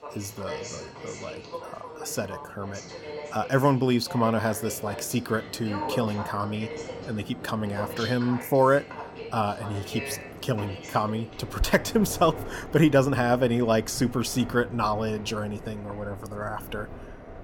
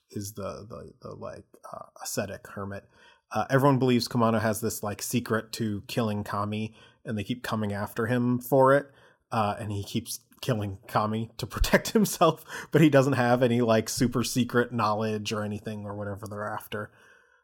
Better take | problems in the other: second | train or aircraft noise; noticeable; throughout; 10 dB below the speech

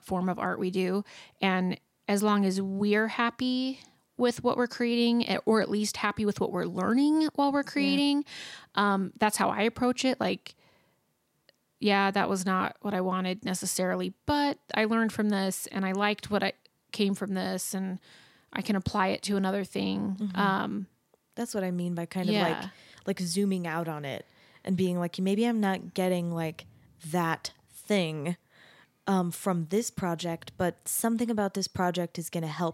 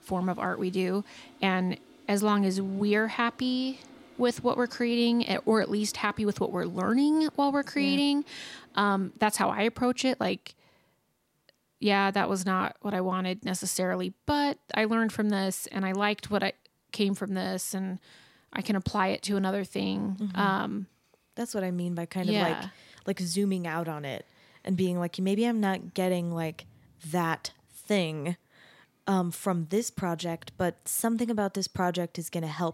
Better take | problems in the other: first | household noises; faint; throughout; 25 dB below the speech

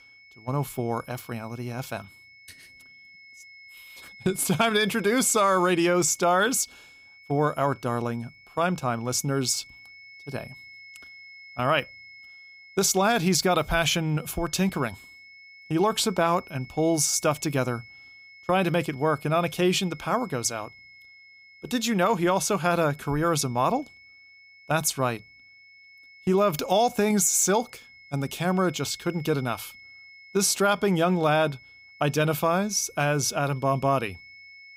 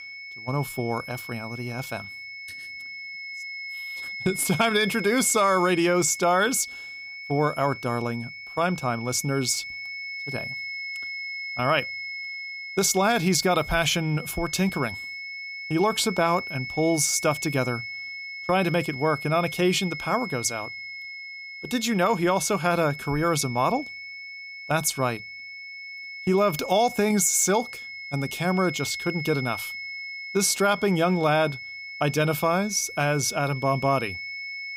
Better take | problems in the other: first | high-pitched whine; loud; throughout; 2 kHz, 10 dB below the speech; faint in the first

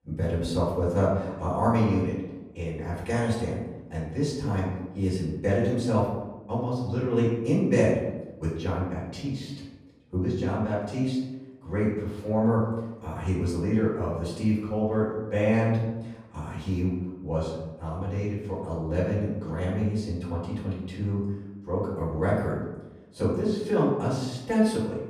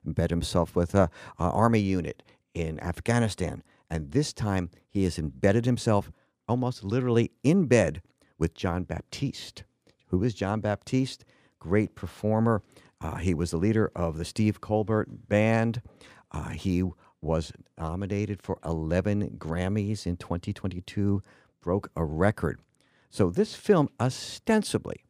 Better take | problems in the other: second | off-mic speech; far // room echo; noticeable; dies away in 1 s

